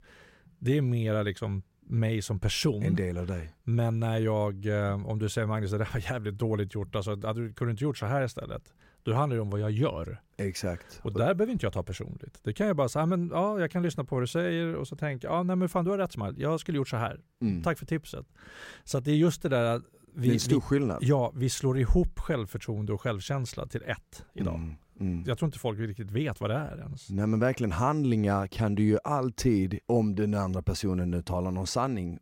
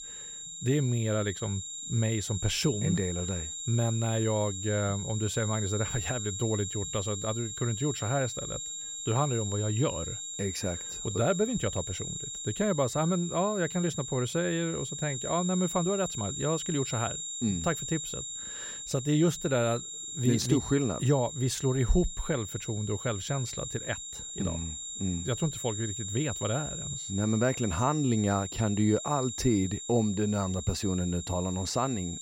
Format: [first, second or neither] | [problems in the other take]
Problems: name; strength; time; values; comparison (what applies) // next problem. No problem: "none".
first | high-pitched whine; loud; throughout; 7.5 kHz, 5 dB below the speech